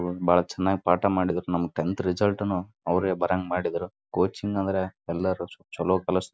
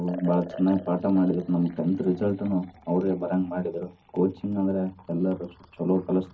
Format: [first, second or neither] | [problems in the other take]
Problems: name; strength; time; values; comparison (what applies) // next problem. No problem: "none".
first | background sound (Liquid); 20 dB below the speech // room echo; dies away in 0.4 s